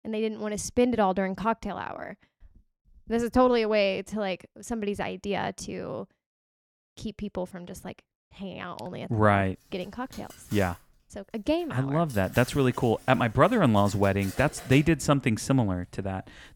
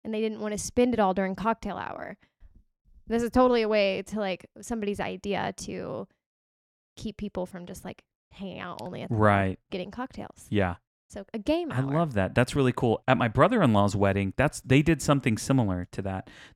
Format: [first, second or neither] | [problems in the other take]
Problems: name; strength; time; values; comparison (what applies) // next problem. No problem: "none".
second | household noises; faint; from 9.5 s on; 20 dB below the speech